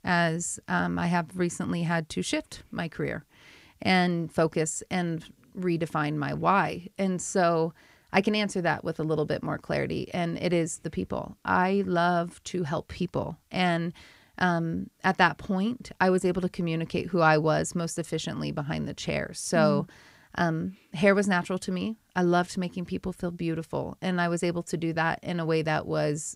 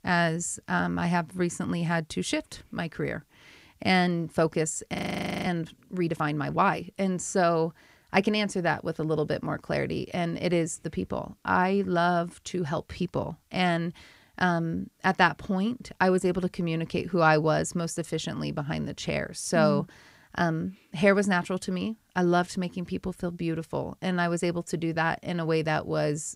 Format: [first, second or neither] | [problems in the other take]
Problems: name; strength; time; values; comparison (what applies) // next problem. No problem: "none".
first | audio freezing; at 5 s for 0.5 s